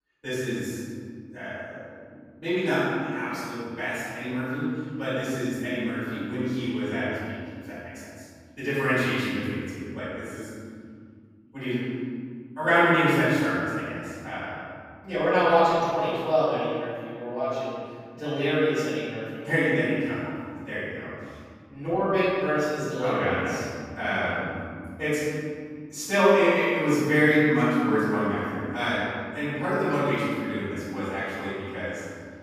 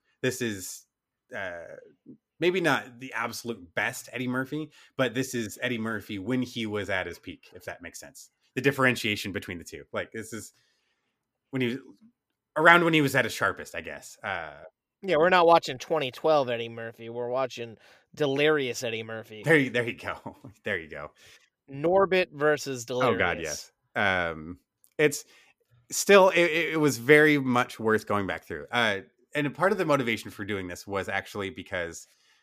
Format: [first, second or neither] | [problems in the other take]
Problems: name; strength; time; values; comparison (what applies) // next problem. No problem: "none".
second | off-mic speech; far // room echo; strong; dies away in 2.4 s